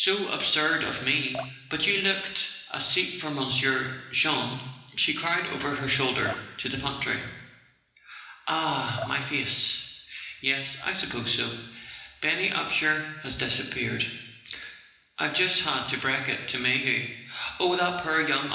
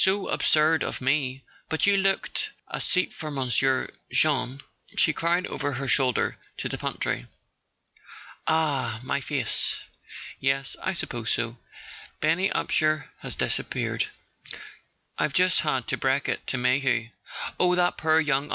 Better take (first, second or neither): second